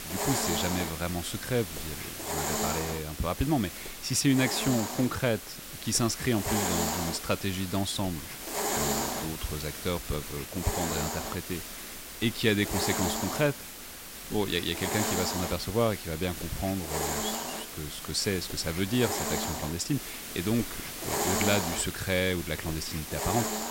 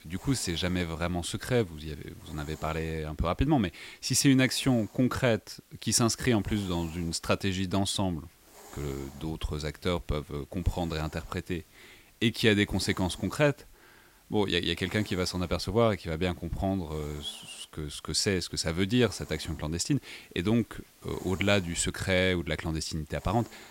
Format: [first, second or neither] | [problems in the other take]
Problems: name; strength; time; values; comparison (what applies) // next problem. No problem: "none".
second | hiss; loud; throughout; 3 dB below the speech; faint in the second